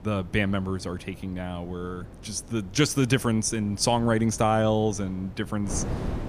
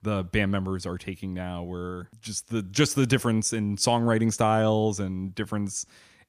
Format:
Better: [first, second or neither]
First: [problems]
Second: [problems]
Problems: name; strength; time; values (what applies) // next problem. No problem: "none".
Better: second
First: wind noise on the microphone; occasional gusts; 20 dB below the speech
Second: none